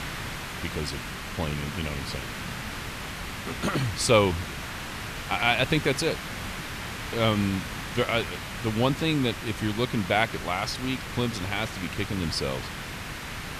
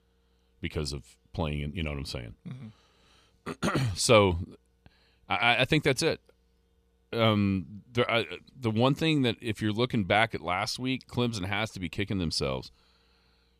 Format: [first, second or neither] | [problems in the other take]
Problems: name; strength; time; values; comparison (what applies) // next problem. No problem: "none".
second | hiss; loud; throughout; 7 dB below the speech